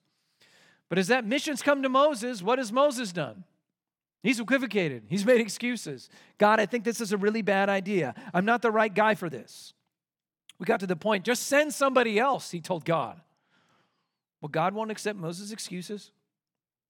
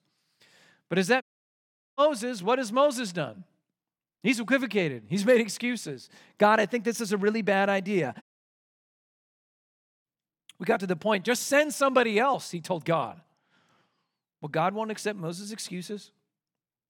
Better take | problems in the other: first | audio cutting out; at 1 s for 1 s and at 8 s for 2 s

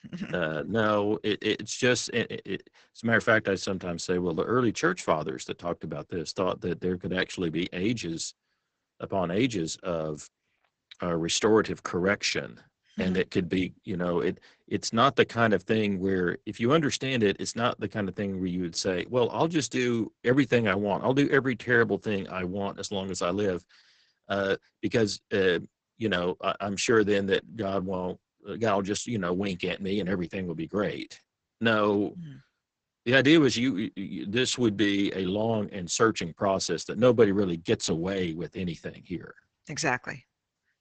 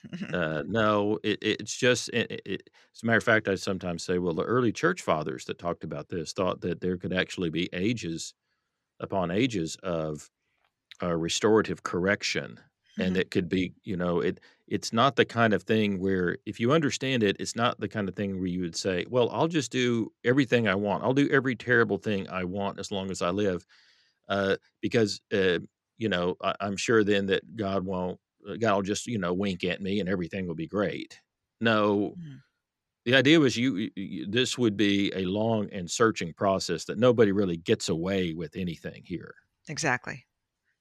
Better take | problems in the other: second | garbled, watery; badly; nothing above 8 kHz

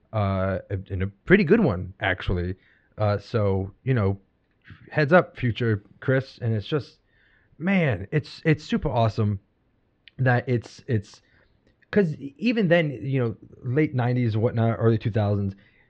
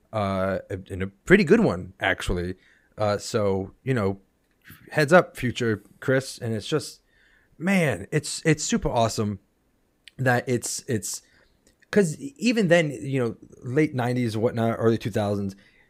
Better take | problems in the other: second | muffled; slightly; fading above 4 kHz

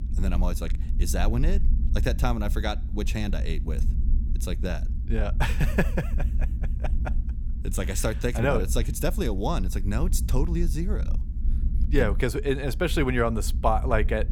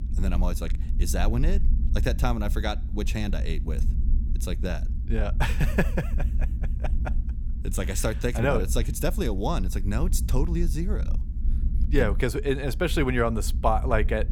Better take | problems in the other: neither | low rumble; noticeable; throughout; 15 dB below the speech; the same in both

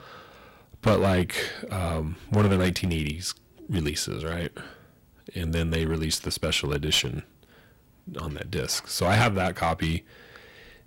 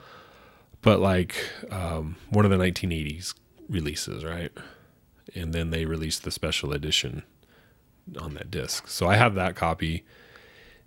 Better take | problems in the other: second | distortion; heavy; 4% of the sound clipped

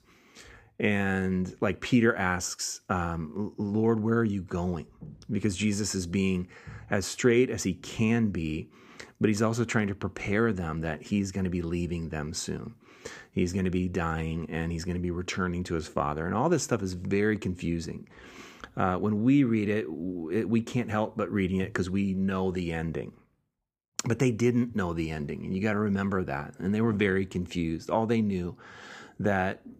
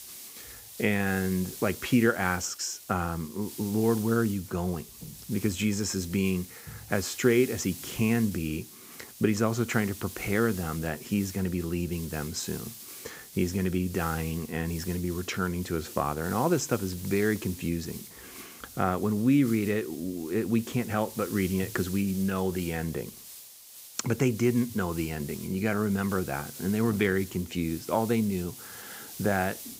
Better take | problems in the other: first | hiss; noticeable; throughout; 15 dB below the speech

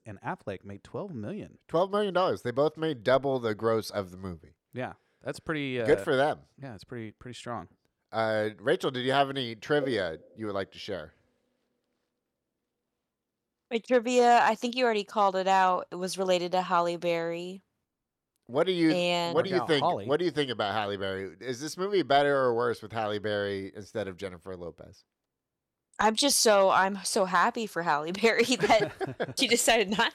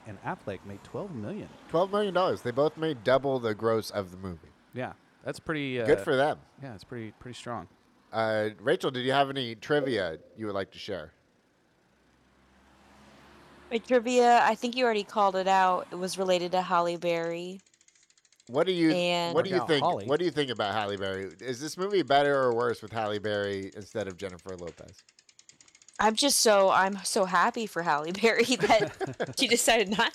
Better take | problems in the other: first | traffic noise; faint; throughout; 30 dB below the speech

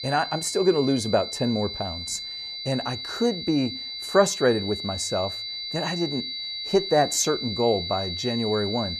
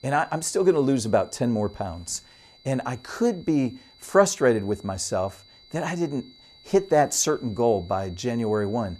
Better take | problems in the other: second | high-pitched whine; loud; throughout; 4 kHz, 5 dB below the speech; faint in the second

